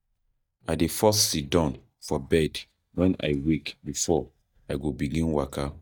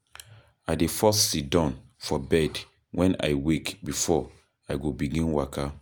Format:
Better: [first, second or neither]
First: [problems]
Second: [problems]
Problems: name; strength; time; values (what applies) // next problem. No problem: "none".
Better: second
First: noise reduction (neural mask model DeepFilterNet 3)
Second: none